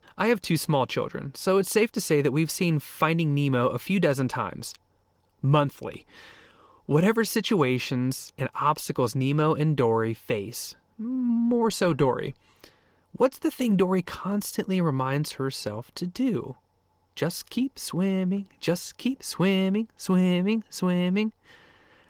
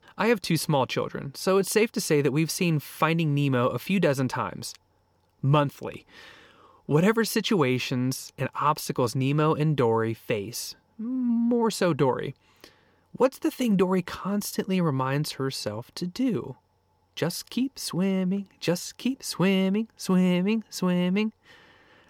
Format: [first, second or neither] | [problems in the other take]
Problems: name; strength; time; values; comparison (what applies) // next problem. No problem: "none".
second | garbled, watery; slightly